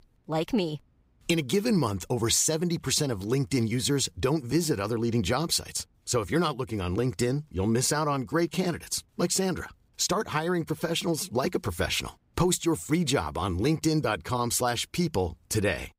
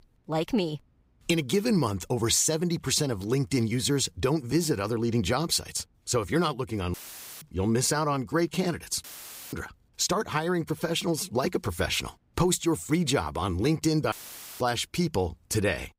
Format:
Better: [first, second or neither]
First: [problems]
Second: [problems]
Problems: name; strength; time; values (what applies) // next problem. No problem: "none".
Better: first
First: none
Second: audio cutting out; filled with static; at 7 s, at 9 s and at 14 s